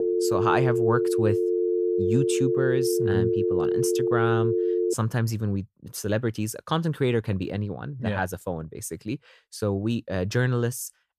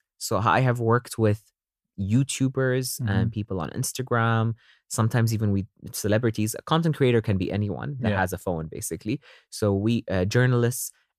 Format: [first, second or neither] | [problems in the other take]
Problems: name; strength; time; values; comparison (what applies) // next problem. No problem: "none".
second | phone ringing; loud; until 5 s; peak 4 dB above the speech